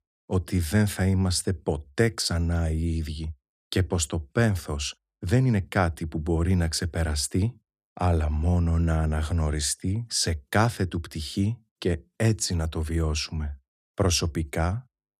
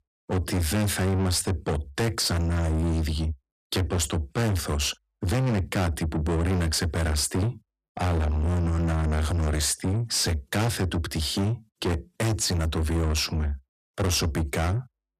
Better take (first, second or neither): first